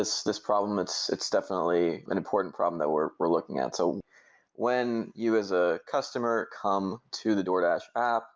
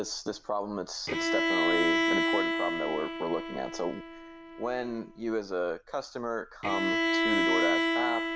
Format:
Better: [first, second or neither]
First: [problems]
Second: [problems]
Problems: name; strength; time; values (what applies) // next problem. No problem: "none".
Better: first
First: none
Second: background sound (Bowed string instrument); 3 dB above the speech